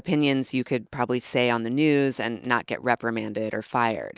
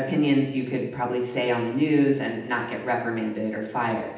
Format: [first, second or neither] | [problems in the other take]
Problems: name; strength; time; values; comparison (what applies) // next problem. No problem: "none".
first | room echo; dies away in 0.8 s